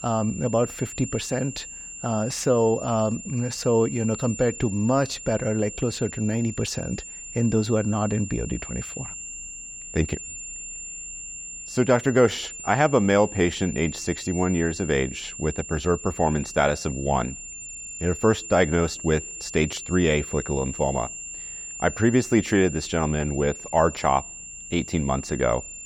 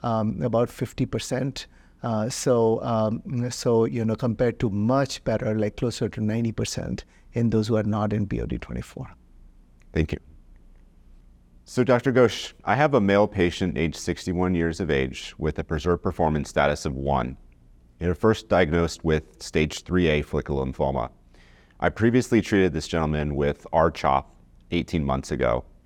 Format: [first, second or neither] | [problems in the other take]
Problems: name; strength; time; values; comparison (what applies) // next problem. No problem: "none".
second | high-pitched whine; noticeable; throughout; 7 kHz, 10 dB below the speech